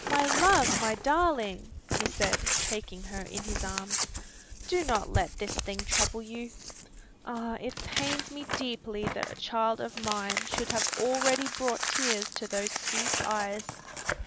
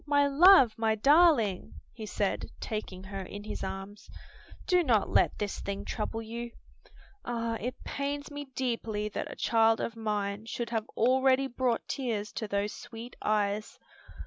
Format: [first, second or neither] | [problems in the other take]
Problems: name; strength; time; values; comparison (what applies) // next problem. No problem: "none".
second | background sound (Crumpling, crinkling / Tearing); 2 dB below the speech